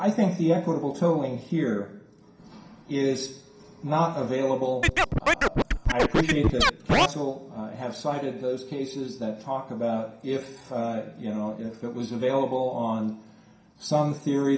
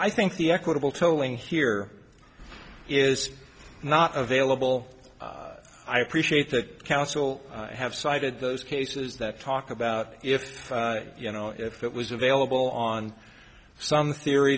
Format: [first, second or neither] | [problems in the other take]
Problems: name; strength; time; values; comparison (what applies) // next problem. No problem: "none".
second | background sound (Scratching (performance technique)); 4 dB above the speech // room echo; dies away in 0.5 s